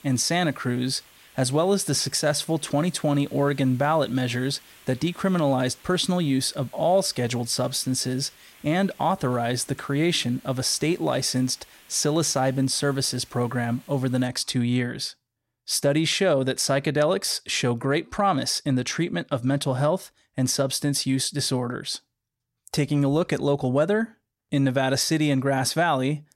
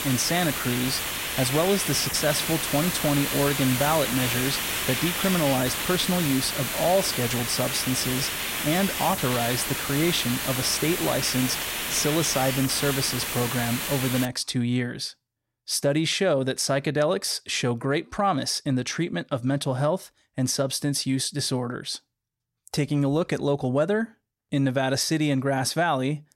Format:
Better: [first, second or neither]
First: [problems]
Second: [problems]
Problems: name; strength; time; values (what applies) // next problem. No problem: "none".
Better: first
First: hiss; faint; until 14 s; 25 dB below the speech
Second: hiss; loud; until 14 s; 2 dB below the speech